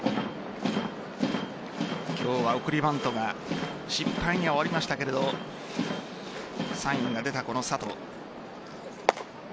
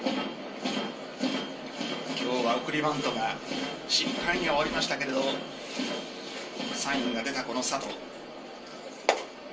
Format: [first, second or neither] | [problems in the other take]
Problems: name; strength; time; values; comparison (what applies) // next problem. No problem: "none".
first | room echo; dies away in 0.3 s